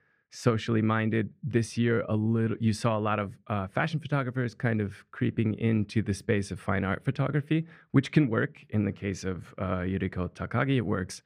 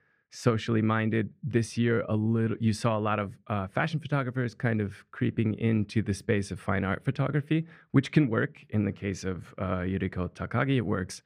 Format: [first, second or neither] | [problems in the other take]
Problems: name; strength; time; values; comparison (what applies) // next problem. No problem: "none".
neither | muffled; very; fading above 3 kHz; the same in both